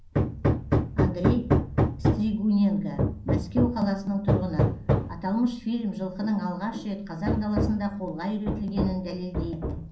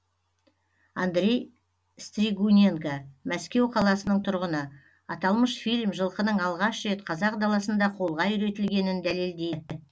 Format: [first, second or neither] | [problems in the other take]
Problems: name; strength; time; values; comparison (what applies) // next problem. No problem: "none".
second | background sound (Hammer); 1 dB above the speech // room echo; dies away in 0.6 s